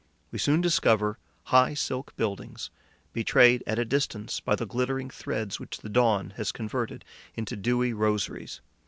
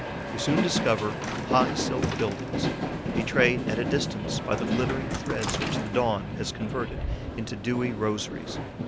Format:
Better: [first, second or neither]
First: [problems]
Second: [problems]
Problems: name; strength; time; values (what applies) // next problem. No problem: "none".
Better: first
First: none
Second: background sound (Train); as loud as the speech